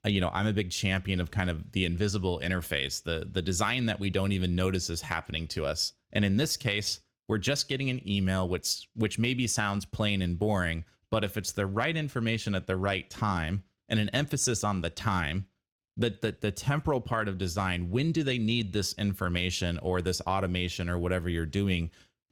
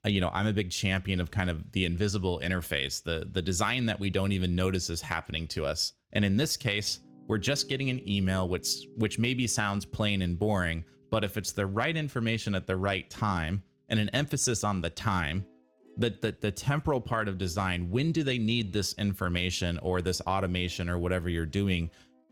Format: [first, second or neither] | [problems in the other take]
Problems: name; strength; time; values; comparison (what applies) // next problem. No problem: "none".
first | background music; faint; from 7 s on; 25 dB below the speech